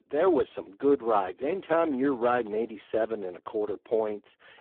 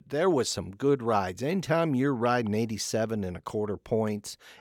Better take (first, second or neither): second